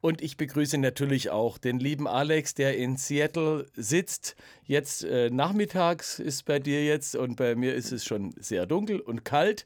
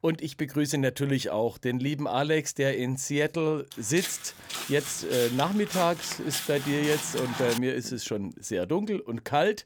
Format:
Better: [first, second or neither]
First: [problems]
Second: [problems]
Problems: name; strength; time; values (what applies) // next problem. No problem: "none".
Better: first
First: none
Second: footsteps; noticeable; from 3.5 to 7.5 s; peak 4 dB below the speech